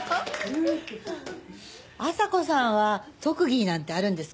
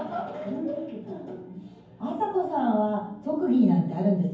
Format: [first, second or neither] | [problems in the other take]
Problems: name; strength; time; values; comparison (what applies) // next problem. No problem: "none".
first | room echo; dies away in 0.9 s